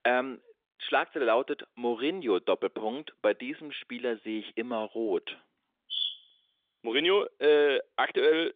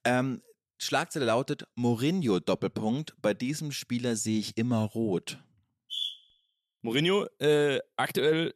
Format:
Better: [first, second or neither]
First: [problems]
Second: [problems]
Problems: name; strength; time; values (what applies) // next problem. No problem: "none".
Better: second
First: phone-call audio; nothing above 3.5 kHz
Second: none